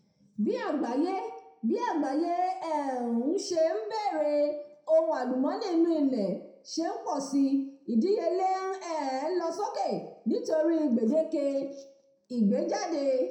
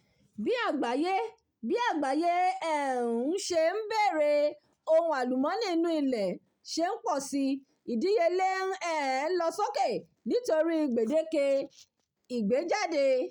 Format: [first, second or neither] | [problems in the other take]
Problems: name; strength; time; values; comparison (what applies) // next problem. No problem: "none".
second | room echo; dies away in 0.6 s